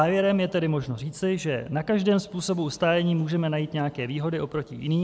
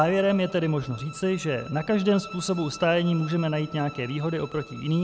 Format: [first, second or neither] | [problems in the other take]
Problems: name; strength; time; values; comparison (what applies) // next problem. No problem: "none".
first | background sound (Bowed string instrument); 18 dB below the speech